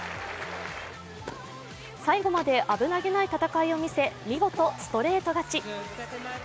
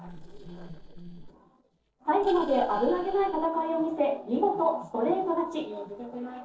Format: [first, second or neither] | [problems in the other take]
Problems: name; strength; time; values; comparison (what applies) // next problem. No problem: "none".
first | noise reduction (neural separator model SepFormer DNS4)